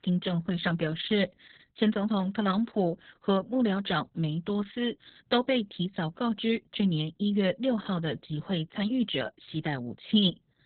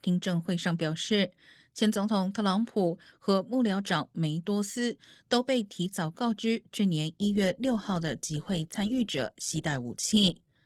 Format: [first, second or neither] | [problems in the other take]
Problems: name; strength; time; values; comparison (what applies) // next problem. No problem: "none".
second | garbled, watery; badly; nothing above 3.5 kHz; slightly in the second